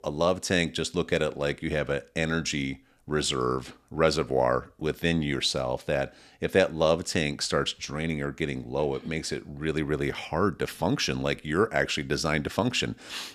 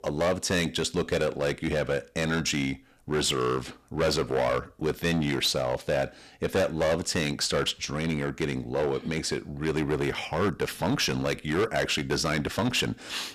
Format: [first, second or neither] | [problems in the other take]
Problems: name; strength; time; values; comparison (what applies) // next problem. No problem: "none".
first | distortion; heavy; 9% of the sound clipped